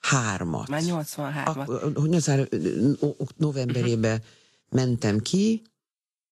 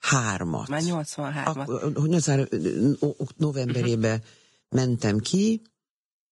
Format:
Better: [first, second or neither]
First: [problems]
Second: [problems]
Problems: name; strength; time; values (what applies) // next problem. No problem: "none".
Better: first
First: garbled, watery; slightly; nothing above 14 kHz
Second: garbled, watery; badly; nothing above 10.5 kHz